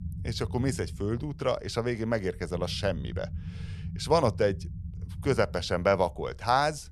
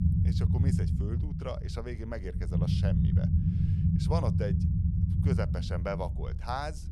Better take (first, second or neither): first